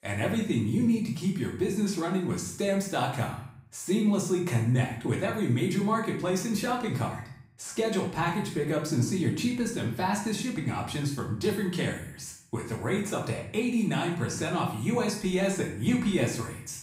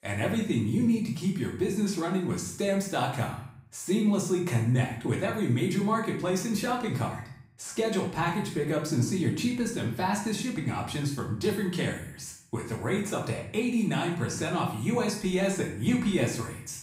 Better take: neither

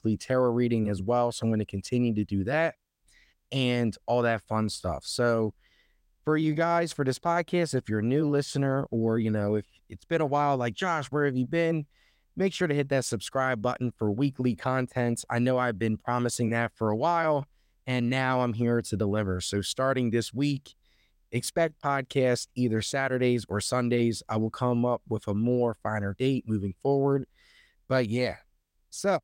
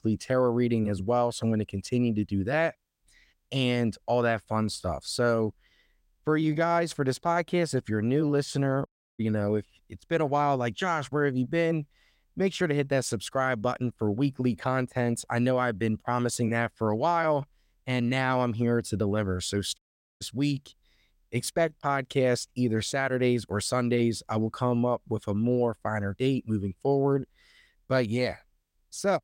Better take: first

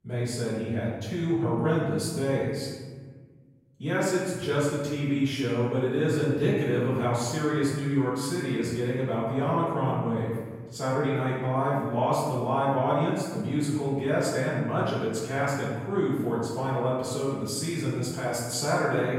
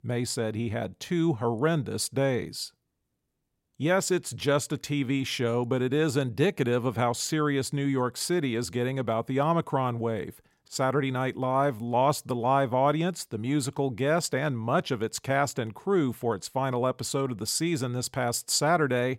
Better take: second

